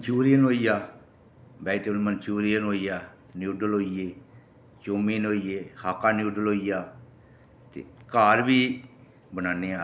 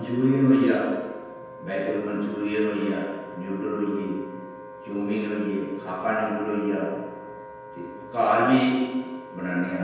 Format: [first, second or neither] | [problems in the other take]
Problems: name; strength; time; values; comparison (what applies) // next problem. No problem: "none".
first | background sound (Wind instrument, woodwind instrument); 16 dB below the speech // room echo; dies away in 1.2 s